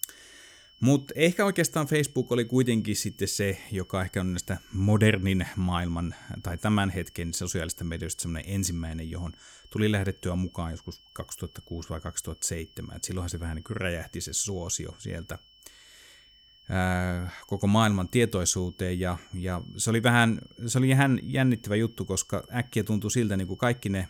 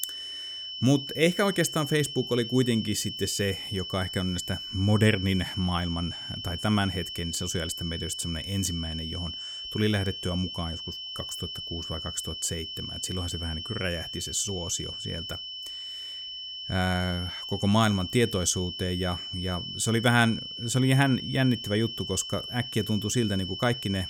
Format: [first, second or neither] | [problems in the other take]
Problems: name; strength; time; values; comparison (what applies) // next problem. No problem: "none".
first | high-pitched whine; loud; throughout; 3 kHz, 7 dB below the speech; faint in the first